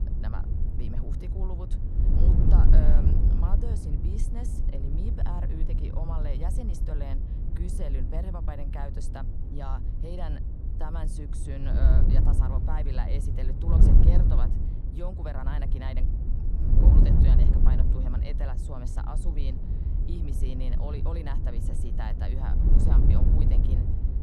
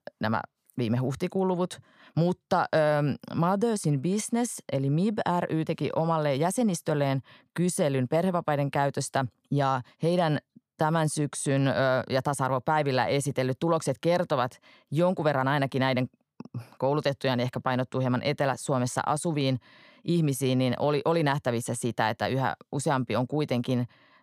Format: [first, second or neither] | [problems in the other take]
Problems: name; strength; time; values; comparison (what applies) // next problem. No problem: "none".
second | wind noise on the microphone; heavy; as loud as the speech